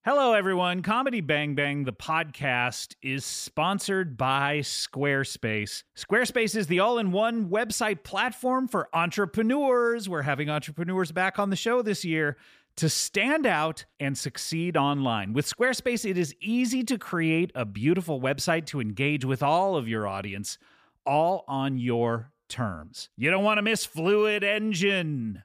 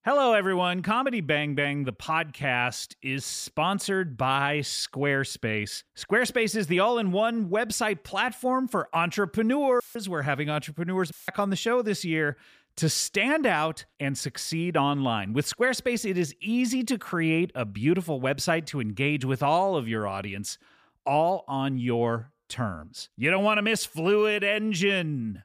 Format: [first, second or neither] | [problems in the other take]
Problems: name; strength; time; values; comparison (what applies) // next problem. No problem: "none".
first | audio cutting out; filled with static; at 10 s and at 11 s